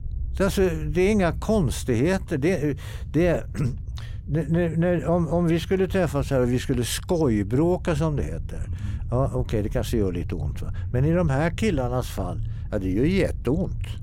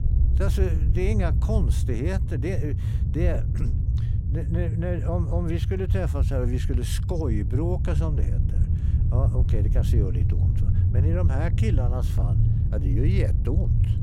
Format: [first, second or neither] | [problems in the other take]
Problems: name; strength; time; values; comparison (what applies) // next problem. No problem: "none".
first | low rumble; loud; throughout; 5 dB below the speech; faint in the first